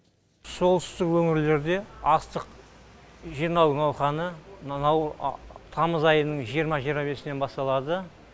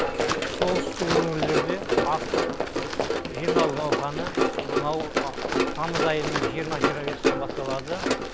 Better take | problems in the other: first | background sound (Run); 5 dB above the speech

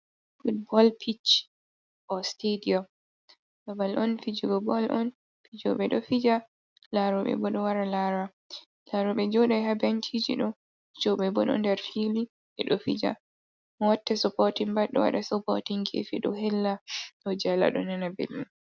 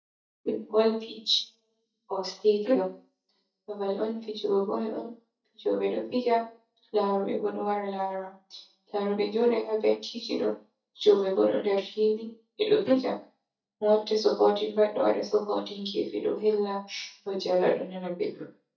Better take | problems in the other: first | noise reduction (neural mask model DeepFilterNet 3)

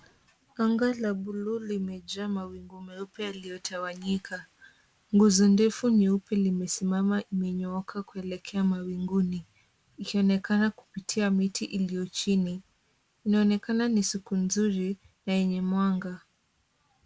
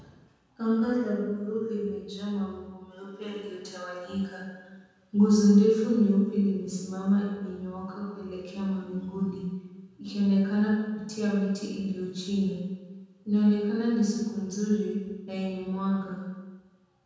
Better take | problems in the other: first | room echo; dies away in 1.2 s

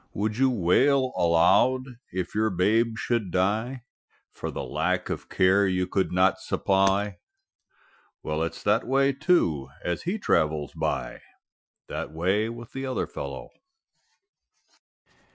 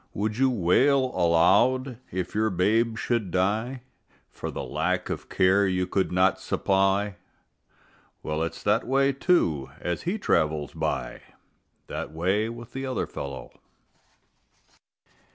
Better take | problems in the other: second | noise reduction (classical method Wiener filter)

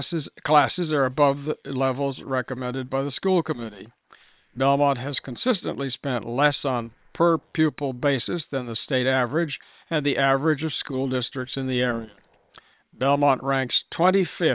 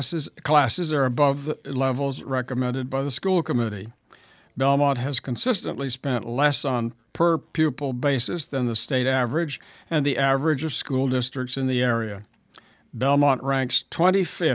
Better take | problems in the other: second | noise reduction (neural separator model SepFormer WHAM!)

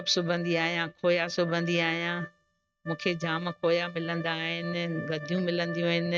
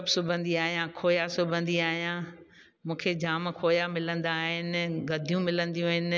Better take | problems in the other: second | noise reduction (neural mask model RNNoise)

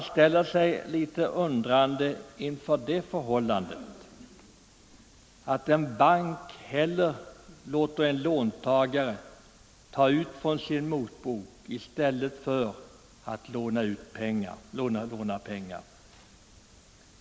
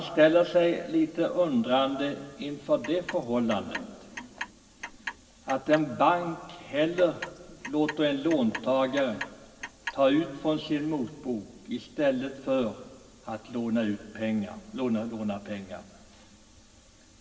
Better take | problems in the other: first | background sound (Clock); 13 dB below the speech // room echo; dies away in 1.7 s

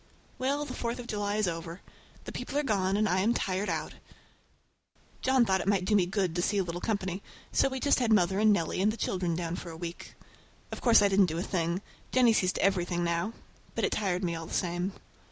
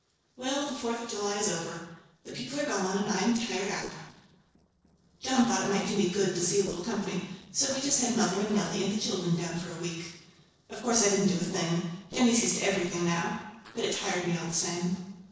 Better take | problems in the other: first | noise reduction (neural separator model SepFormer DNS4)

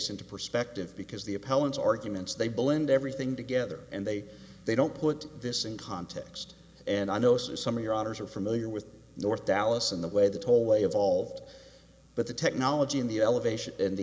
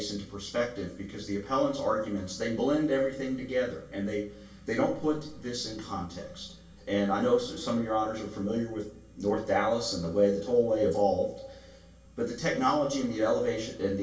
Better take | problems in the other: first | room echo; dies away in 0.3 s

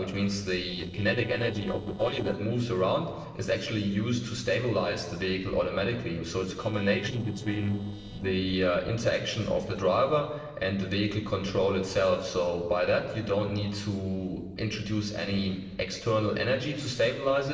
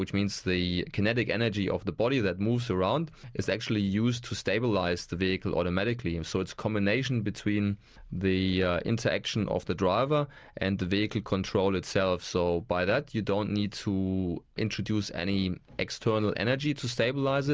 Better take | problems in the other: second | noise reduction (neural separator model SepFormer DNS4)

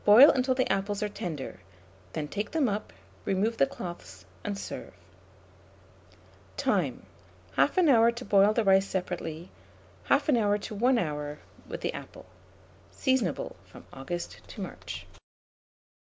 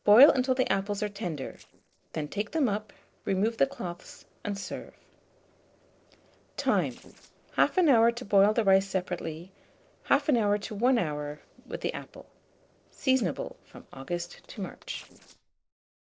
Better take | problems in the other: first | noise reduction (neural separator model SepFormer DNS4)

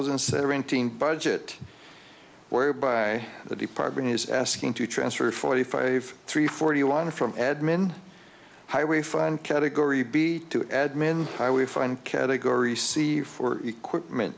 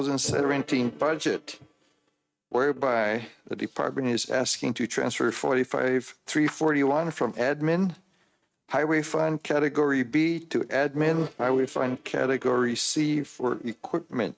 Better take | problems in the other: first | noise reduction (neural mask model RNNoise)

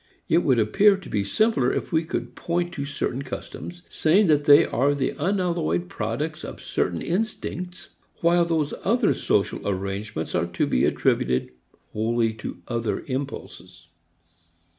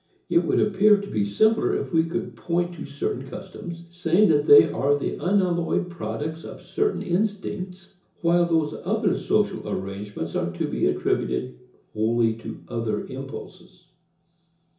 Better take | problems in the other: first | room echo; dies away in 0.6 s

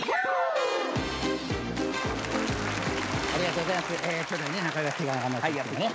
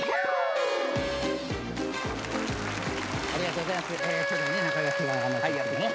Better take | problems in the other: first | background sound (Wind instrument, woodwind instrument); 3 dB below the speech

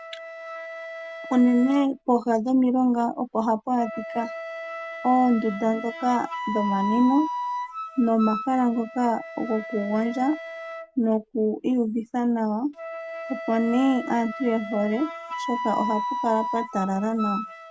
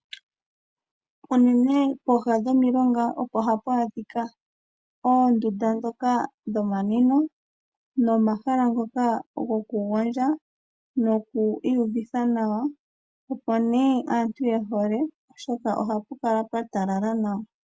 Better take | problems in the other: second | background sound (Wind instrument, woodwind instrument); 9 dB below the speech

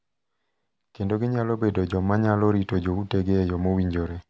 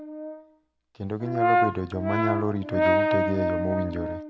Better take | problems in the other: first | background sound (Brass instrument); 4 dB above the speech

